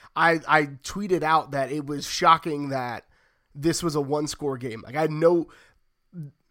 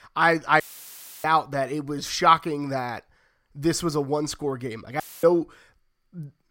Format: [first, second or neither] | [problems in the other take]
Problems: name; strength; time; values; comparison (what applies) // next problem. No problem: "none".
first | audio cutting out; filled with static; at 0.5 s for 0.5 s and at 5 s